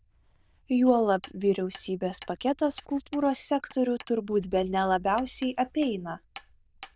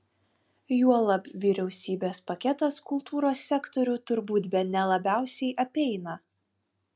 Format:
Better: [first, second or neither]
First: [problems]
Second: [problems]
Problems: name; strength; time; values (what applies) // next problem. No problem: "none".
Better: second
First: noise reduction (neural diffusion model UNIVERSE++)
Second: none